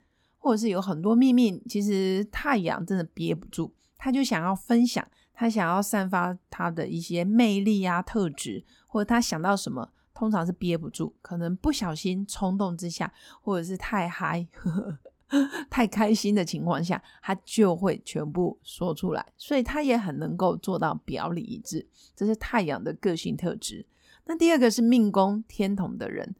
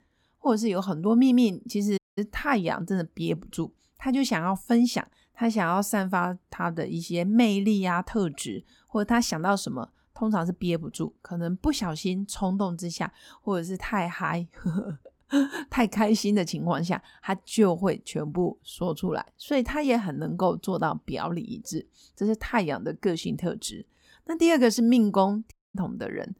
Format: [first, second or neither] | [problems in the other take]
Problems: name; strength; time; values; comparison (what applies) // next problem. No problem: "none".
first | audio cutting out; at 2 s and at 26 s